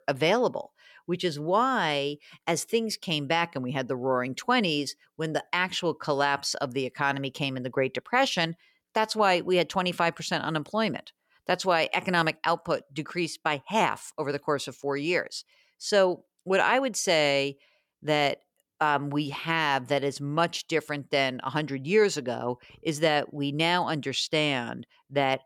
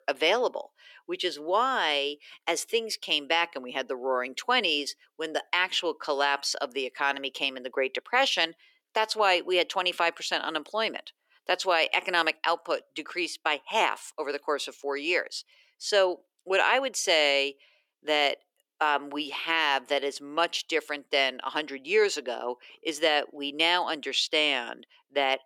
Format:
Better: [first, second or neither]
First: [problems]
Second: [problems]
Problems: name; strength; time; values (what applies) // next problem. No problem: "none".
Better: first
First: none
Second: thin; somewhat; fading below 300 Hz